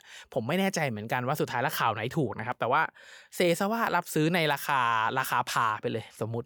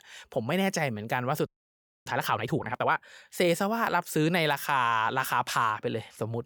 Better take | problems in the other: first | audio freezing; at 1.5 s for 0.5 s

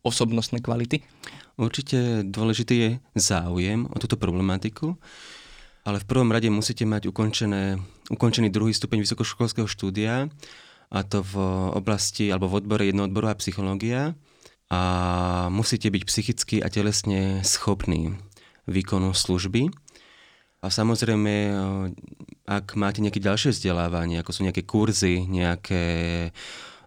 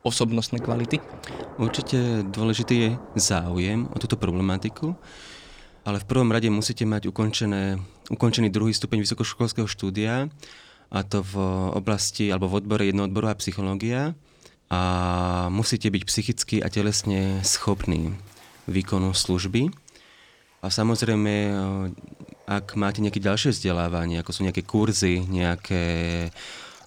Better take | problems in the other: first | rain or running water; faint; throughout; 20 dB below the speech

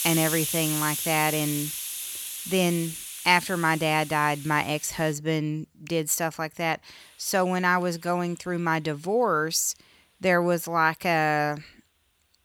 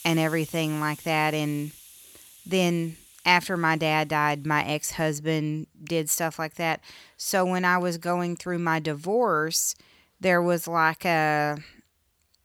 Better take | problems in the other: second | hiss; loud; until 5 s and from 7 s on; 5 dB below the speech; faint in the second

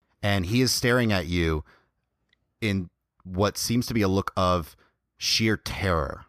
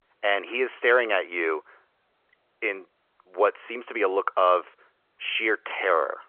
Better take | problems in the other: first | phone-call audio; nothing above 3 kHz

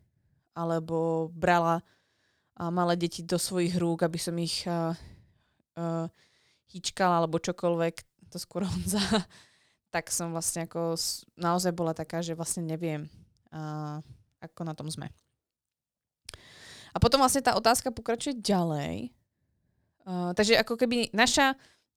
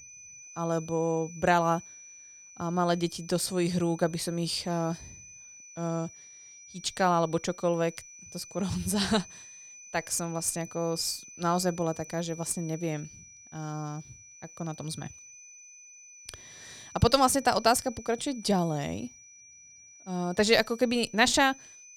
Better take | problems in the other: first | high-pitched whine; noticeable; throughout; 6 kHz, 20 dB below the speech

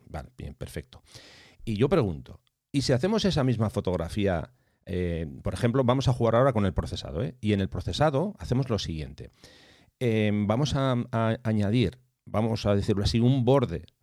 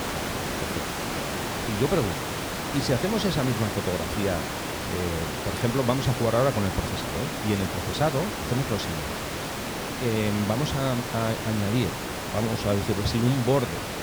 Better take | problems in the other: first | hiss; loud; throughout; 3 dB below the speech

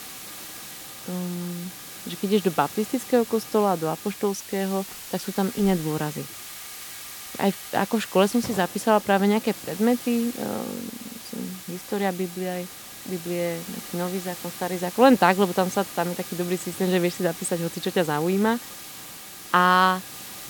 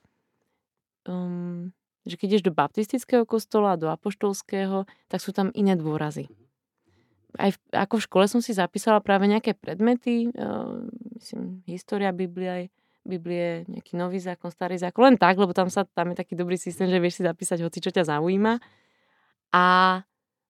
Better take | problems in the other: second | hiss; noticeable; throughout; 10 dB below the speech

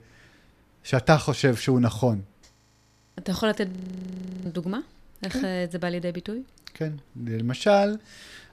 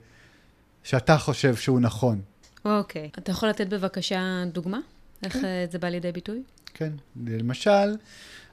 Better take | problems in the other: second | audio freezing; at 2.5 s for 0.5 s and at 3.5 s for 0.5 s

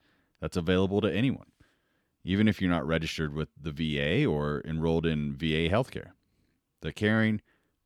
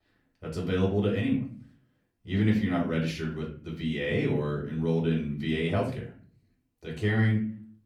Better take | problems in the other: first | off-mic speech; far // room echo; slight; dies away in 0.4 s

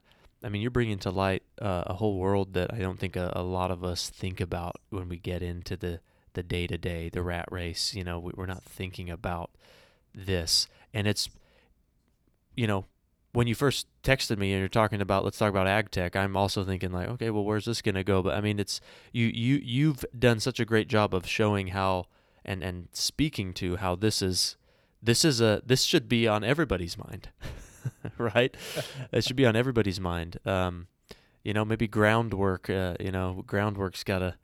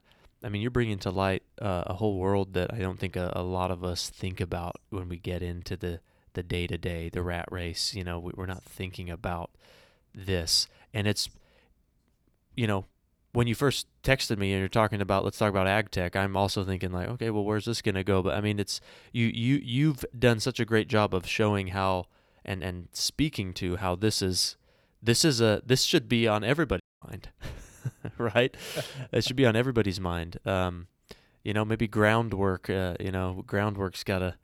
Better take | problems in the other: first | audio cutting out; at 27 s

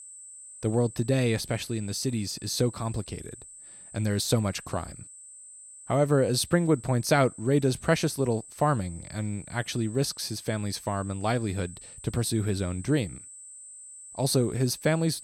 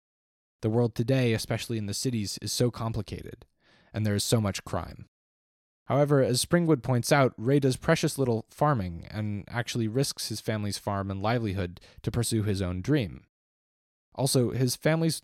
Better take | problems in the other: second | high-pitched whine; noticeable; throughout; 8 kHz, 15 dB below the speech

